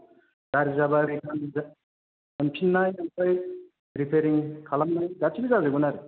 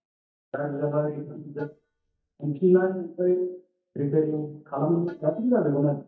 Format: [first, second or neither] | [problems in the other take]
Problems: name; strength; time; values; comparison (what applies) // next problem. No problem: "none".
first | noise reduction (neural mask model DeepFilterNet 3)